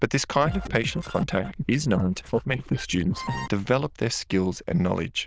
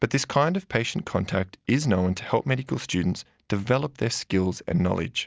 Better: second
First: noise reduction (neural diffusion model UNIVERSE++)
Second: none

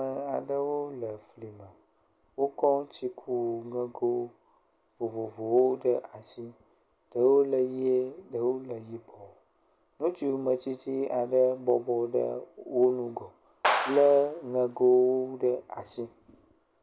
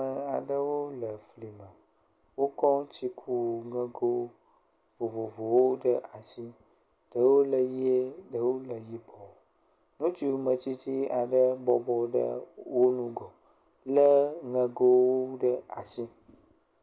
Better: second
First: background sound (Clapping); 3 dB below the speech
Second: none

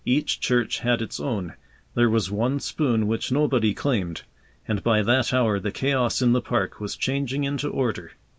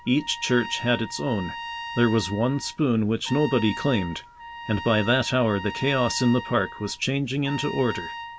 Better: first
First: none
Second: background sound (Trumpet); 12 dB below the speech

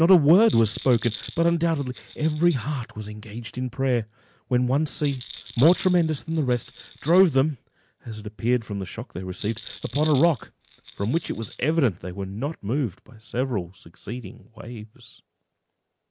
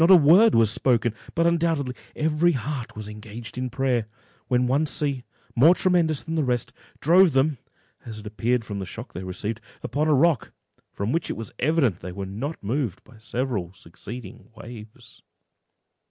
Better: second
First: background sound (Rattle); 18 dB below the speech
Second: none

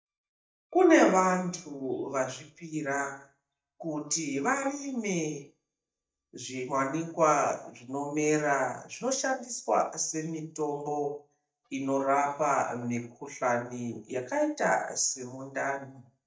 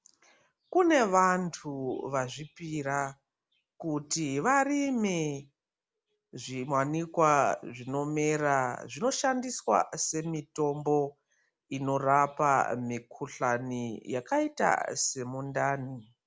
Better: second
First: noise reduction (neural mask model DeepFilterNet 3)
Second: none

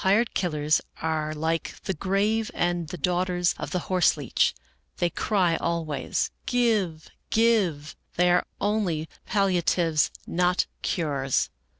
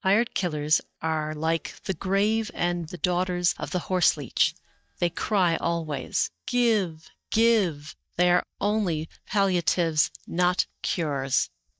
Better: first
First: none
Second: noise reduction (neural mask model DeepFilterNet 3)

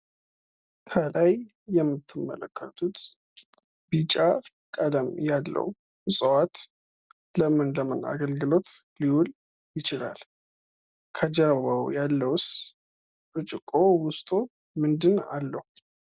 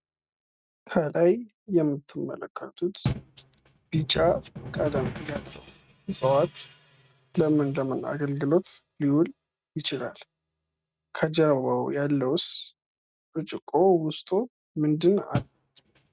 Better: first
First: none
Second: noise reduction (neural mask model RNNoise)

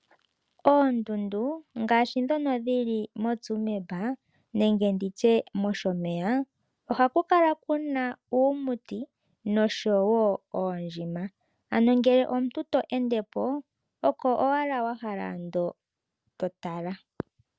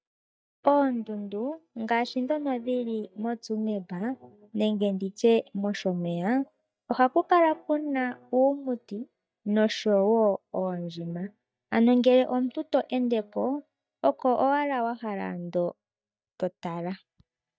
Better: first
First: none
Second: noise reduction (neural mask model DeepFilterNet 3)

